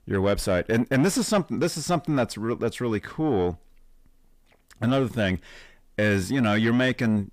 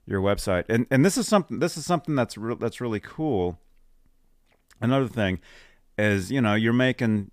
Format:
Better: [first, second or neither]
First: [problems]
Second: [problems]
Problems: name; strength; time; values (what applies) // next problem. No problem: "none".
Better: second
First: distortion; slight; 10 dB below the speech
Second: none